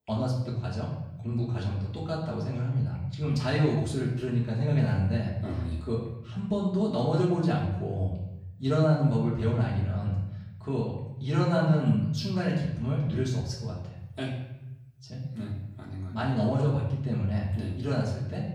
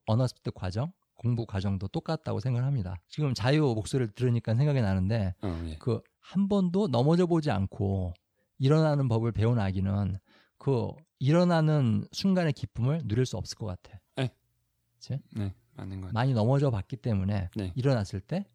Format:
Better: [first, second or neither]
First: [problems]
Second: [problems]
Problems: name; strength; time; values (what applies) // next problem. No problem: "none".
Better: second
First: off-mic speech; far // room echo; noticeable; dies away in 1 s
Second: none